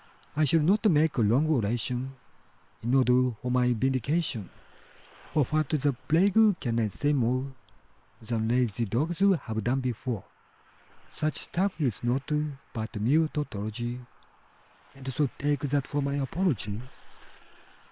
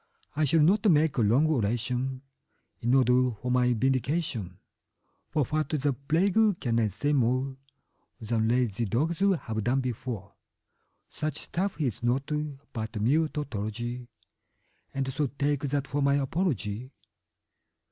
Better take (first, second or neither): second